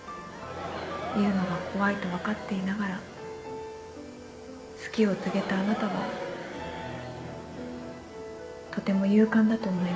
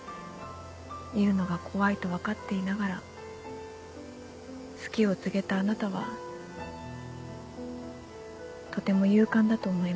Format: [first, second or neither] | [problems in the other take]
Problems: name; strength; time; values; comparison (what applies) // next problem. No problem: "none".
second | background sound (Crowd); 10 dB below the speech // room echo; dies away in 0.6 s